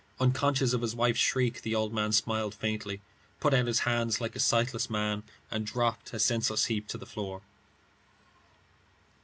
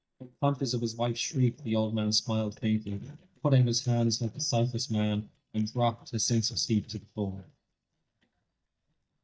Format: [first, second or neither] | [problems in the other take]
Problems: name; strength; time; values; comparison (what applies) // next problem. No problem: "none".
first | noise reduction (neural mask model DeepFilterNet 3)